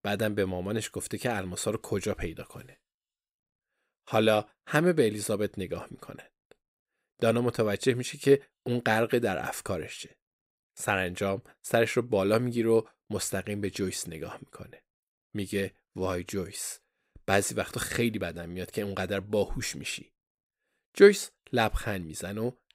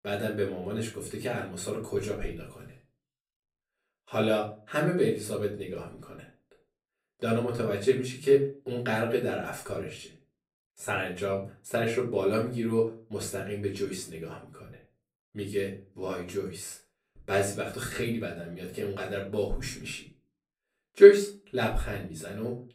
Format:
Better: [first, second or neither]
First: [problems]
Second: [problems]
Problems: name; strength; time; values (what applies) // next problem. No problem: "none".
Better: first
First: none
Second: off-mic speech; far // room echo; slight; dies away in 0.3 s